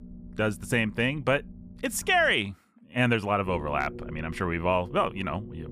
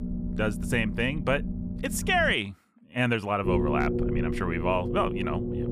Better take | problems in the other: first | low rumble; loud; until 2.5 s and from 3.5 s on; 8 dB below the speech; faint in the first

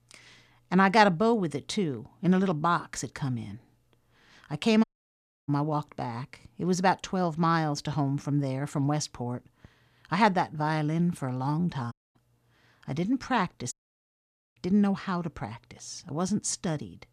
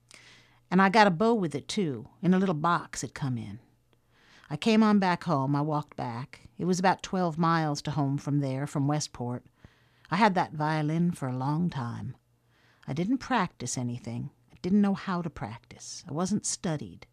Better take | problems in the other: second | audio cutting out; at 5 s for 0.5 s, at 12 s and at 14 s for 1 s

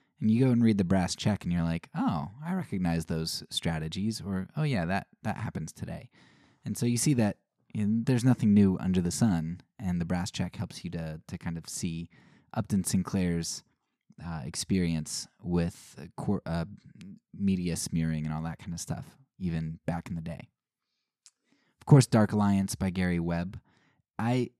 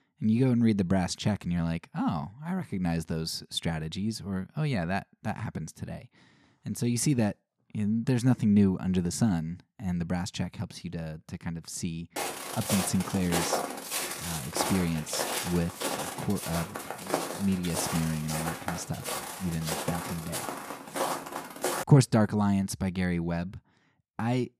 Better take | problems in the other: first | footsteps; loud; from 12 to 22 s; peak 1 dB above the speech

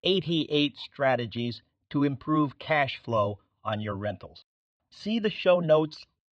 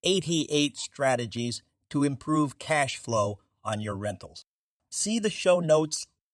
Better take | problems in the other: second | muffled; slightly; fading above 4 kHz

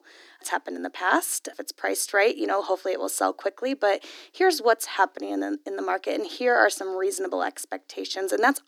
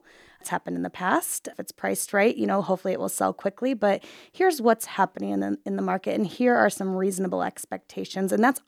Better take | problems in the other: second | thin; somewhat; fading below 300 Hz

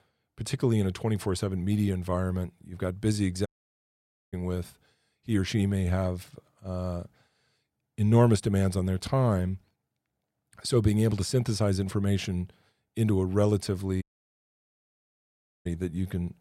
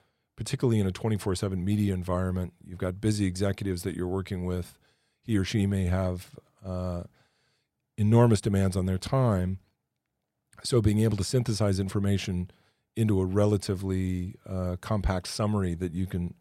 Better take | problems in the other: second | audio cutting out; at 3.5 s for 1 s and at 14 s for 1.5 s

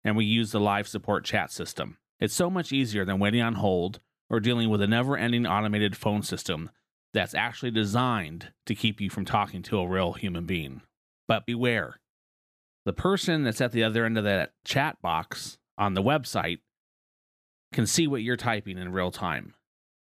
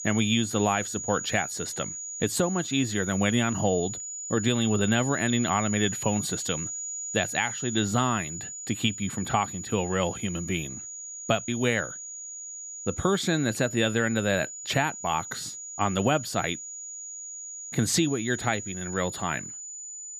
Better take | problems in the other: first | high-pitched whine; loud; throughout; 7 kHz, 7 dB below the speech

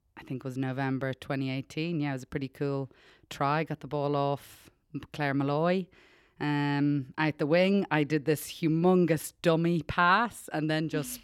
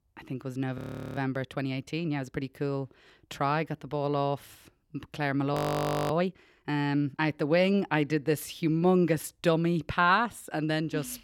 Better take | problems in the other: first | audio freezing; at 1 s and at 5.5 s for 0.5 s

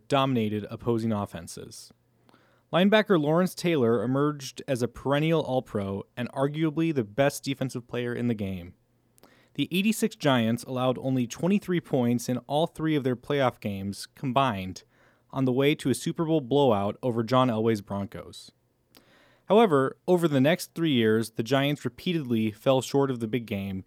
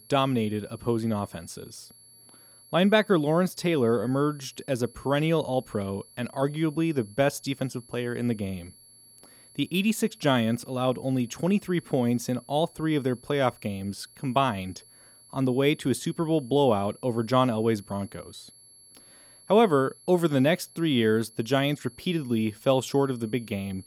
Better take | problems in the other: first | high-pitched whine; faint; throughout; 11 kHz, 25 dB below the speech

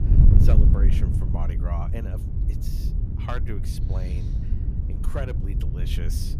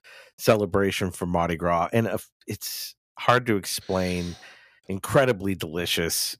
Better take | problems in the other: second | wind noise on the microphone; heavy; as loud as the speech

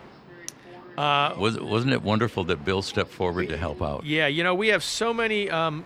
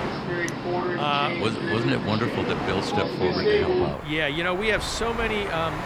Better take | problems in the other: first | train or aircraft noise; loud; throughout; 1 dB below the speech; faint in the first

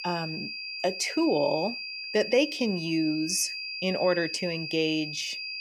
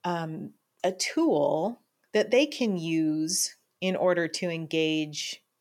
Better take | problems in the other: second | high-pitched whine; loud; throughout; 2.5 kHz, 6 dB below the speech

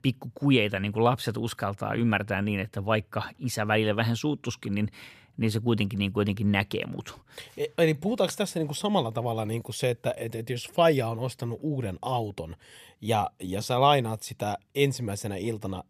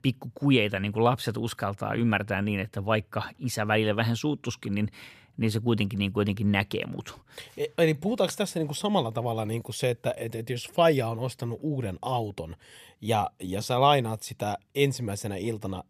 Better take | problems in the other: neither | none

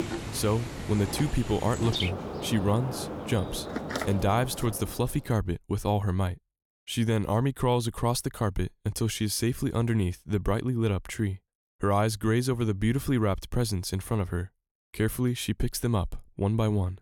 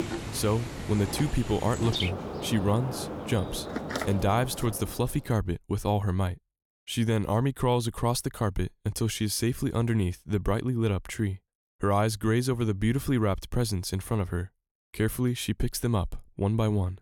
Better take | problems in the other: neither | animal sounds; loud; until 5 s; 7 dB below the speech; the same in both

